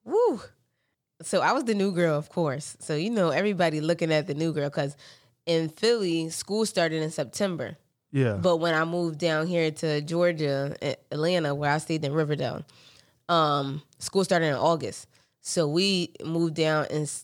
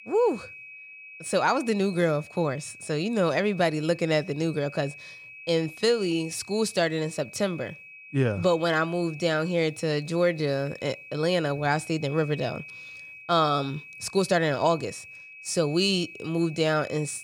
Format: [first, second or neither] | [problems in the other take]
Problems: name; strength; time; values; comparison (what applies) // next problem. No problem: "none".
first | high-pitched whine; noticeable; throughout; 2.5 kHz, 15 dB below the speech